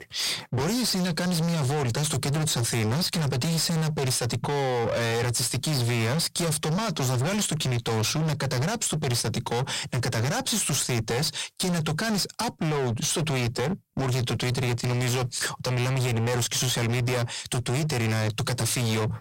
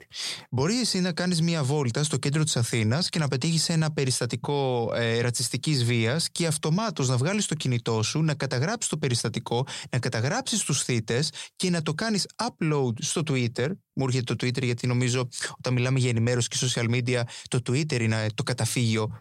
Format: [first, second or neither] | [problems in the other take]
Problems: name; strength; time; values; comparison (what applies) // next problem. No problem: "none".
second | distortion; heavy; 43% of the sound clipped